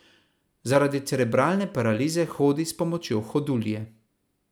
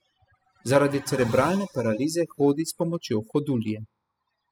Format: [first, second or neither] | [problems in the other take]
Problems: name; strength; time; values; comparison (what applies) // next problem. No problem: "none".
first | noise reduction (classical method spectral subtraction)